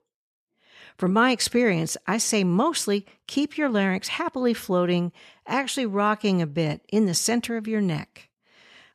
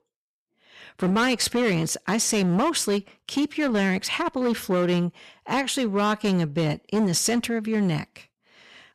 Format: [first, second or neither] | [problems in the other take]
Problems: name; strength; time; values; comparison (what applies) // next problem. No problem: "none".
first | distortion; slight; 12% of the sound clipped